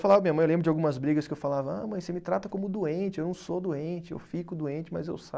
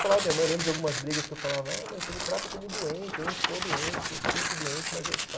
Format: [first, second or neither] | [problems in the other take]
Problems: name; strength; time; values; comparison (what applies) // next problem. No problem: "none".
first | background sound (Tearing); 1 dB below the speech // room echo; dies away in 1.7 s